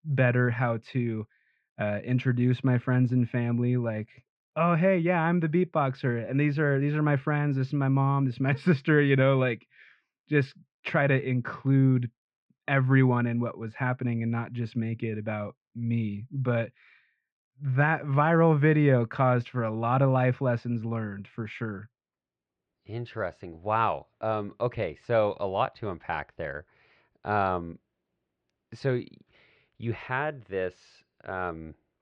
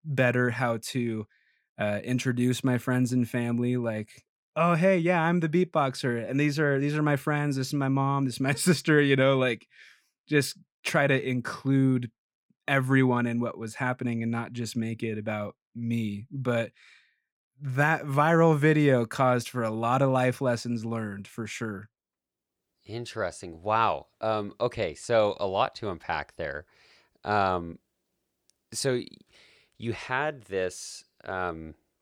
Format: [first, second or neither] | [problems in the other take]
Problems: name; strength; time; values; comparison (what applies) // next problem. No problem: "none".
second | muffled; very; fading above 3 kHz